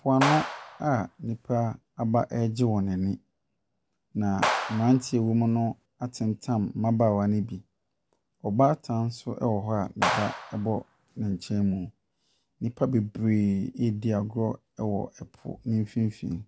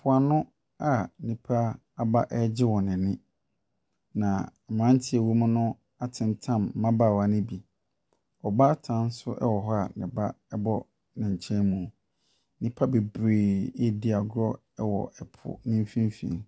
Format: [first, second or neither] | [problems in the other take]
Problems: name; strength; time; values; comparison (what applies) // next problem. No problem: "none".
second | background sound (Clapping); 4 dB below the speech